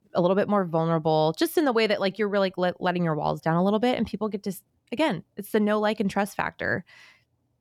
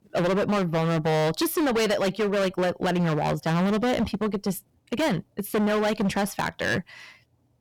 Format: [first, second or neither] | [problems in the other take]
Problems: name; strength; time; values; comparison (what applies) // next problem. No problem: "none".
first | distortion; heavy; 24% of the sound clipped